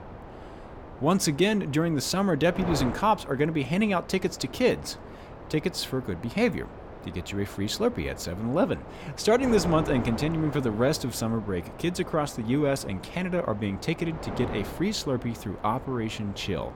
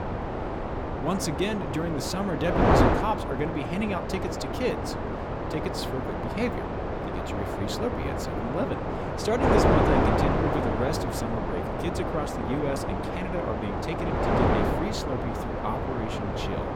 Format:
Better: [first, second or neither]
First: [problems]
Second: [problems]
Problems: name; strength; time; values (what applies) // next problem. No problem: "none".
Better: first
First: wind noise on the microphone; occasional gusts; 10 dB below the speech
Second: wind noise on the microphone; heavy; 4 dB above the speech